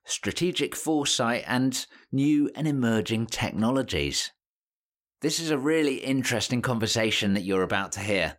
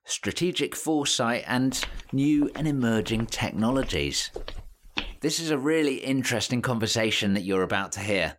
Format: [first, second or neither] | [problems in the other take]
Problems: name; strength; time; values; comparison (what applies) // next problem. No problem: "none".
first | footsteps; noticeable; from 1.5 to 5 s; peak 8 dB below the speech